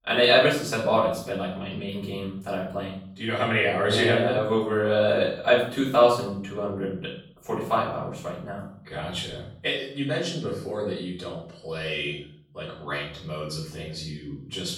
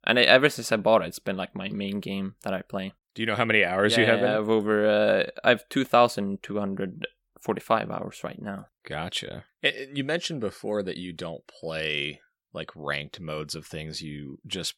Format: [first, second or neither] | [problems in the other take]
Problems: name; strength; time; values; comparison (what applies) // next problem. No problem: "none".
second | off-mic speech; far // room echo; noticeable; dies away in 0.6 s